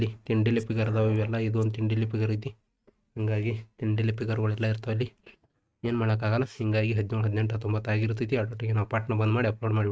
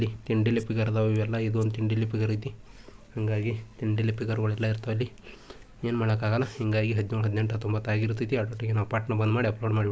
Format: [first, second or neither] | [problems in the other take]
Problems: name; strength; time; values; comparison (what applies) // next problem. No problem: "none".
second | noise reduction (neural mask model RNNoise)